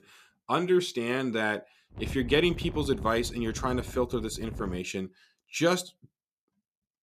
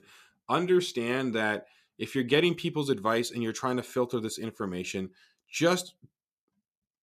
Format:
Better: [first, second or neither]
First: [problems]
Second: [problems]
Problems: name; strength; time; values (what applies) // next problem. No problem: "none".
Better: second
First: wind noise on the microphone; faint; from 2 to 5 s; 20 dB below the speech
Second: none